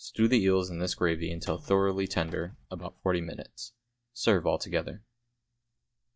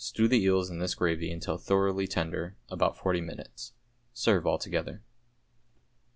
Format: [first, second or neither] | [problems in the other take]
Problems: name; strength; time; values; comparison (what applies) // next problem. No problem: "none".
second | noise reduction (neural mask model DeepFilterNet 3)